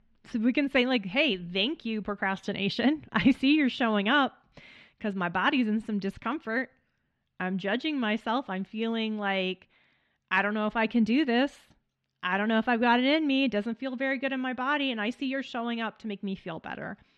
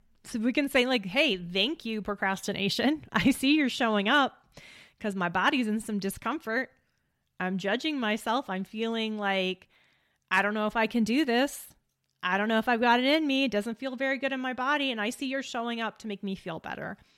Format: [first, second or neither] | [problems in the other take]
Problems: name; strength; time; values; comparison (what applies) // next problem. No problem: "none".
second | muffled; very slightly; fading above 3 kHz